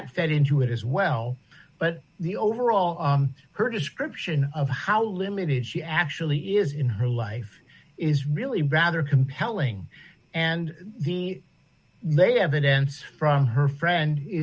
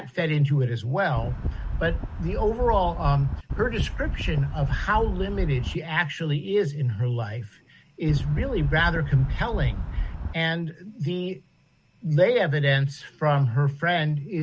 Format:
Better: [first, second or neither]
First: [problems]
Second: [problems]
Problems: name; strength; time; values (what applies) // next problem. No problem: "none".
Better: first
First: none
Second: background sound (Wind); 3 dB below the speech